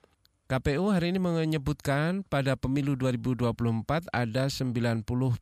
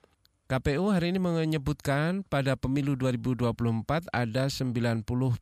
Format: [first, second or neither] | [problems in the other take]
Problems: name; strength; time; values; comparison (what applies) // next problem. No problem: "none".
neither | none